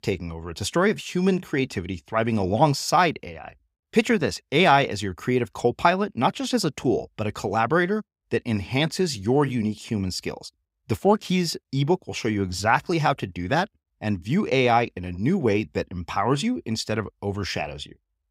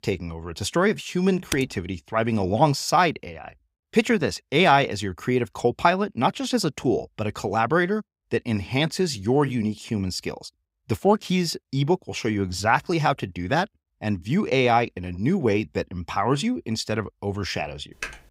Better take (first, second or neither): first